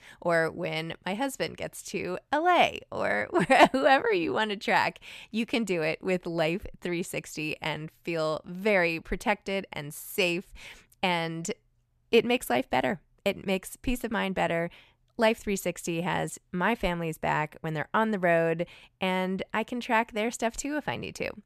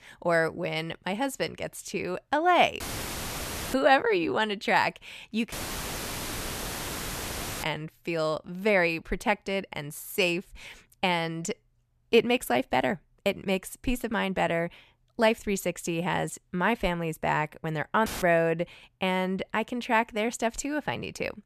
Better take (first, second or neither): first